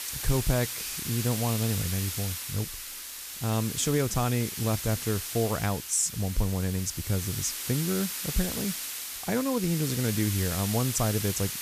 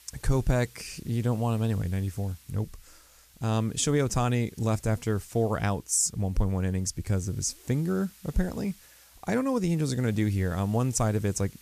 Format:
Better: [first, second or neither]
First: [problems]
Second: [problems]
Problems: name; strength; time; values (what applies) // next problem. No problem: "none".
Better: second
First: hiss; loud; throughout; 4 dB below the speech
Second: hiss; faint; throughout; 25 dB below the speech